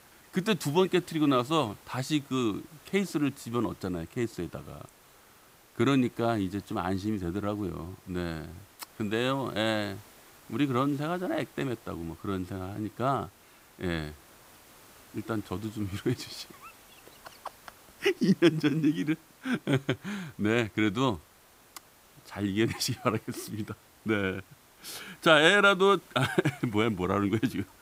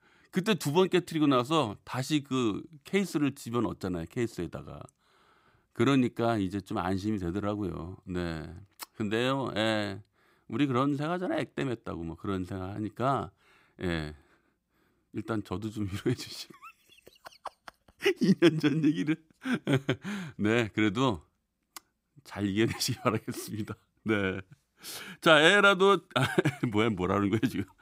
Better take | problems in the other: second | hiss; faint; throughout; 25 dB below the speech

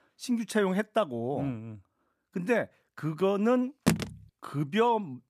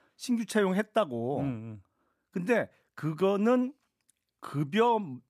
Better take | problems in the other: second | phone ringing; loud; at 4 s; peak level with the speech

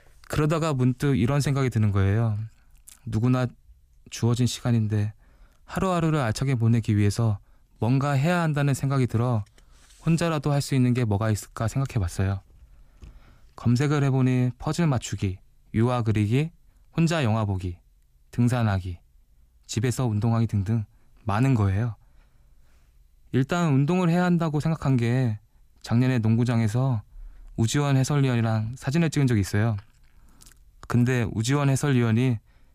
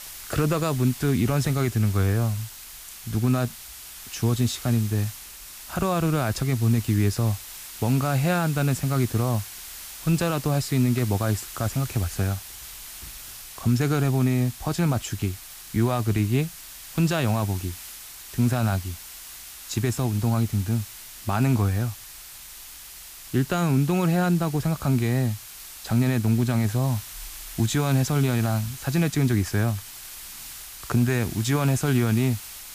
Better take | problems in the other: first | hiss; noticeable; throughout; 15 dB below the speech

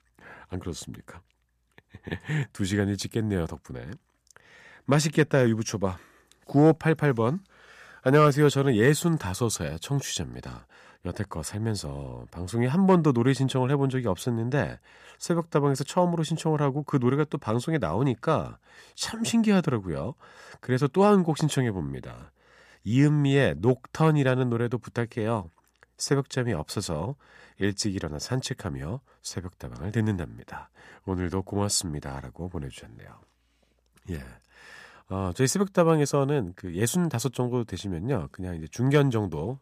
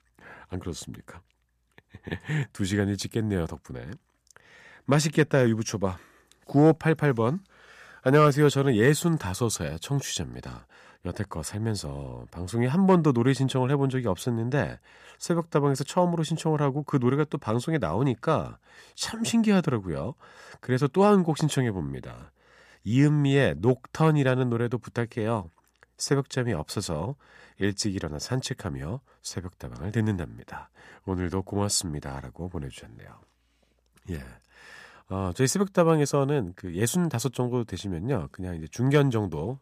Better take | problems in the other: neither | none

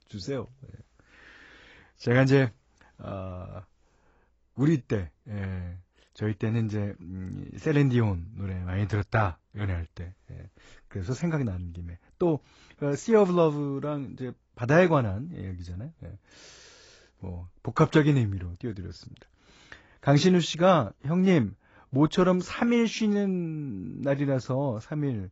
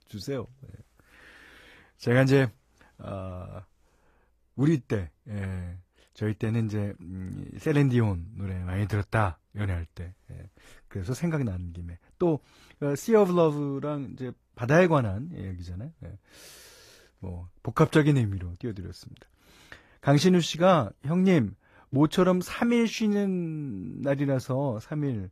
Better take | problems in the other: second | garbled, watery; badly; nothing above 7.5 kHz; slightly in the second

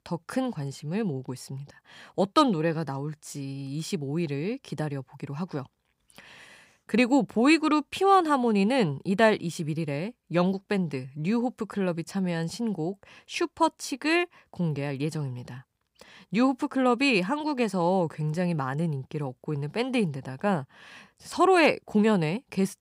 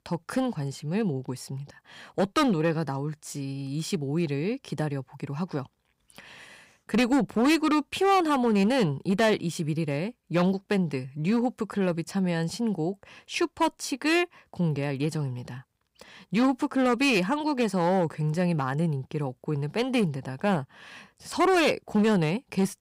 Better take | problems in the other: first | distortion; slight; 4% of the sound clipped

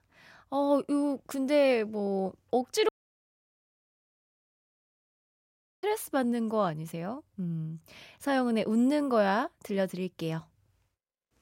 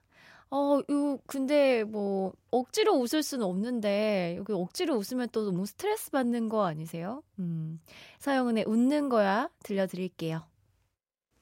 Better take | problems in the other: second | audio cutting out; at 3 s for 3 s

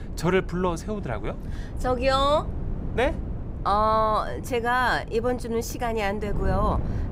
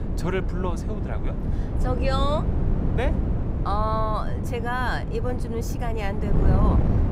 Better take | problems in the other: first | wind noise on the microphone; heavy; 7 dB below the speech; occasional gusts in the first

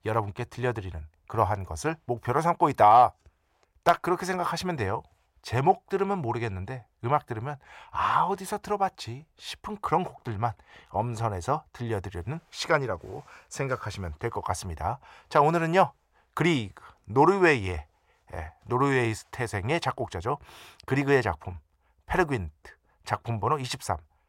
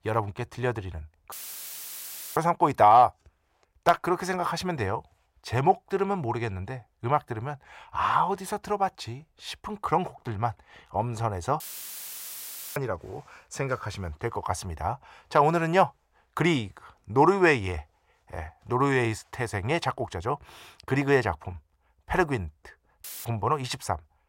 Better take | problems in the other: first | audio cutting out; filled with static; at 1.5 s for 1 s, at 12 s for 1 s and at 23 s

